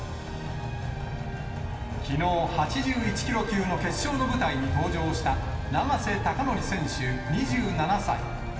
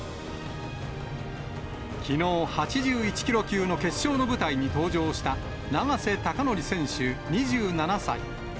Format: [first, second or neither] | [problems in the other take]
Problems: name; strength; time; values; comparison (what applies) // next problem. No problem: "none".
second | room echo; dies away in 2.1 s